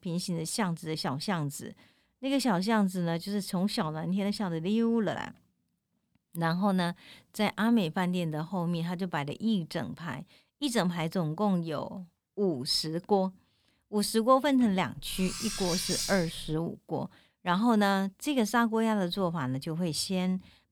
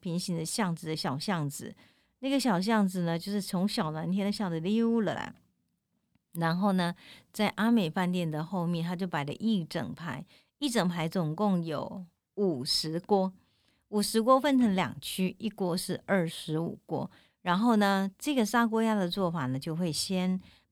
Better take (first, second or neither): second